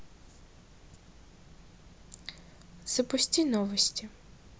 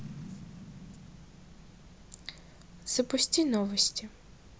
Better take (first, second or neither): first